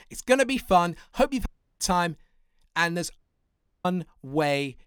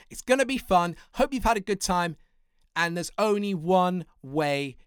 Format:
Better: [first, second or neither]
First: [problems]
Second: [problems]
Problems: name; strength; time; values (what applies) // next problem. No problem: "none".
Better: second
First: audio cutting out; at 1.5 s and at 3 s for 0.5 s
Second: none